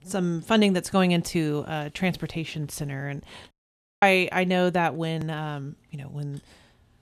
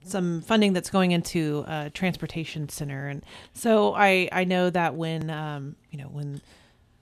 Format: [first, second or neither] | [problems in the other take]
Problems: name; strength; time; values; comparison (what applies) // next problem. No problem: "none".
second | audio cutting out; at 3.5 s for 0.5 s